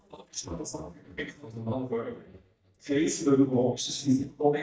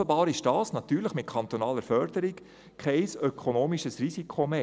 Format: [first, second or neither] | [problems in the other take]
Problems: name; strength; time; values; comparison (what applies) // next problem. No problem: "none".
second | noise reduction (neural mask model DeepFilterNet 3)